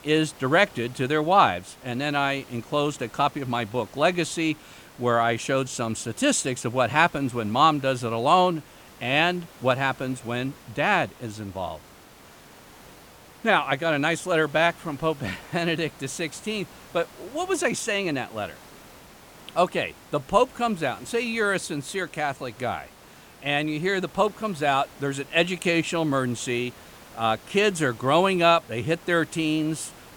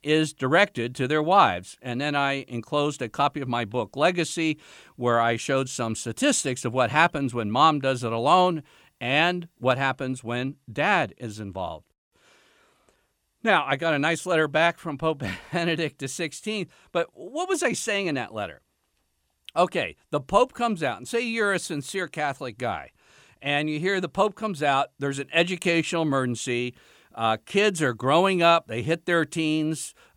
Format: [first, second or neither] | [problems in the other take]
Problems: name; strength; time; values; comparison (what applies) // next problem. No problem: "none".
second | hiss; faint; throughout; 25 dB below the speech